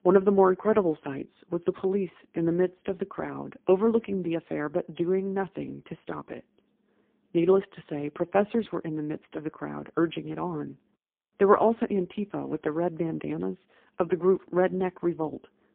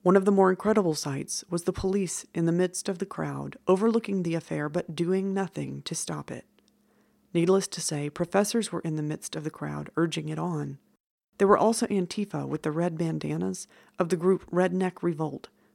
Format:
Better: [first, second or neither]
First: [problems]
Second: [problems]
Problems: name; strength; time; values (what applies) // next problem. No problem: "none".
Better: second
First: phone-call audio; poor line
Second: none